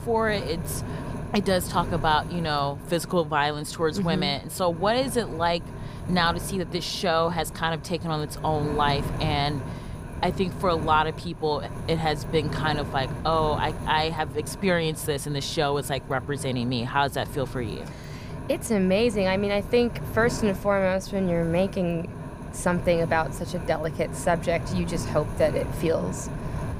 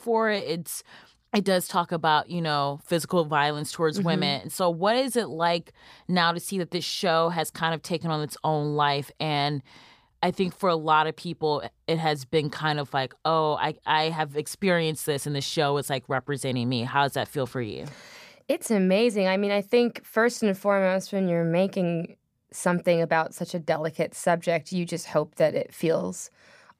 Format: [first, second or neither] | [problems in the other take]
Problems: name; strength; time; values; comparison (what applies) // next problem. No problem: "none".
second | wind noise on the microphone; occasional gusts; 15 dB below the speech